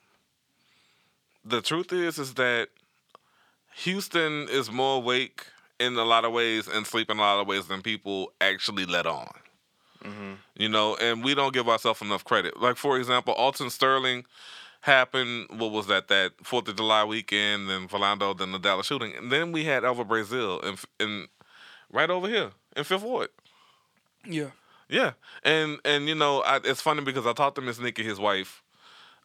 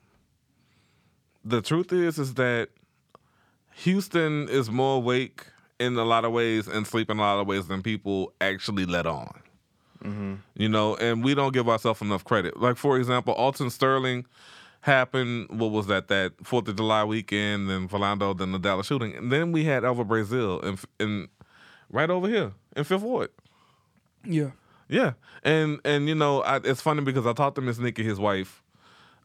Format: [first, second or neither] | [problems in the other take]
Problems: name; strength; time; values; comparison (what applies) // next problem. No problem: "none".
second | thin; somewhat; fading below 650 Hz